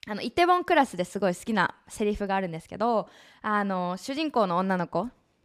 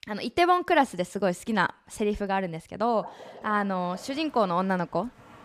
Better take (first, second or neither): first